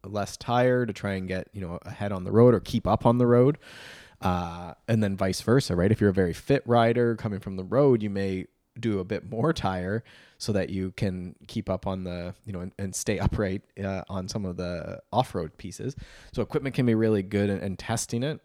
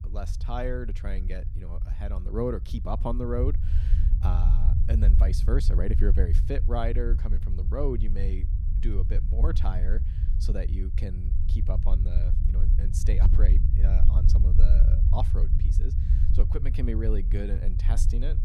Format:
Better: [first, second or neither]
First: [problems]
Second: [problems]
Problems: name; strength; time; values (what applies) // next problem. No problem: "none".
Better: first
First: none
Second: low rumble; loud; throughout; 8 dB below the speech